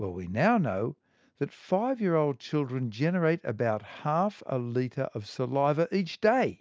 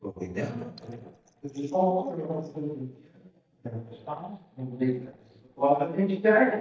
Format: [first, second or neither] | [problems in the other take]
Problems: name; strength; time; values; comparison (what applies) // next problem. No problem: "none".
first | noise reduction (neural mask model DeepFilterNet 3)